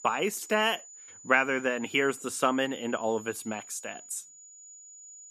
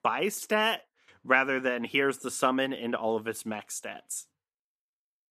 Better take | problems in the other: second | high-pitched whine; noticeable; throughout; 7 kHz, 15 dB below the speech

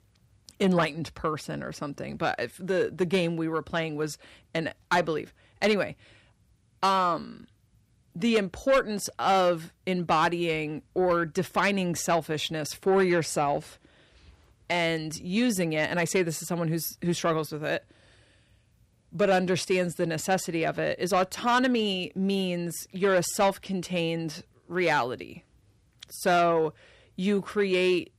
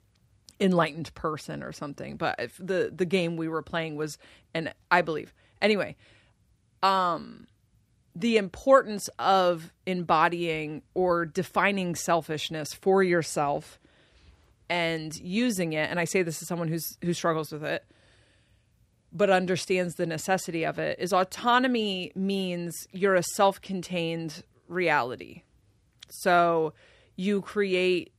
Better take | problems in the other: second | distortion; slight; 10 dB below the speech

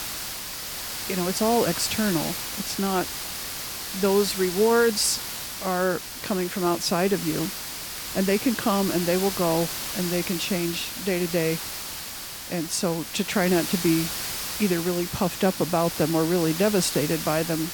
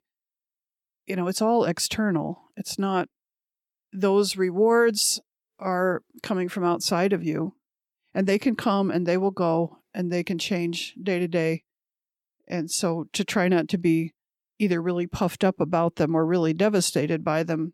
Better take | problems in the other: second | hiss; loud; throughout; 5 dB below the speech

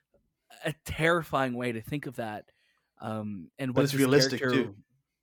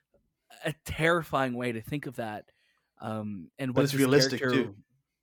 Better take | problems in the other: neither | none

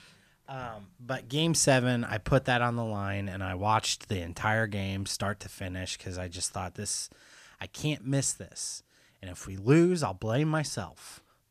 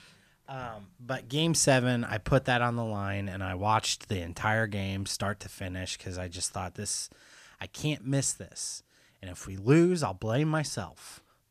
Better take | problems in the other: neither | none

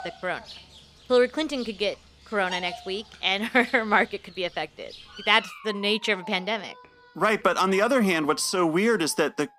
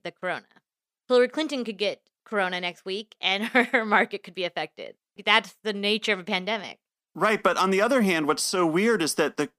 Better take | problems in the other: second | animal sounds; noticeable; throughout; 20 dB below the speech

